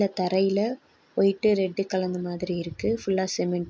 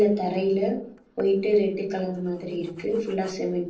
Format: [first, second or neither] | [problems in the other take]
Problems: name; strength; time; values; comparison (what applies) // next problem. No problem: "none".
first | noise reduction (neural separator model SepFormer DNS4)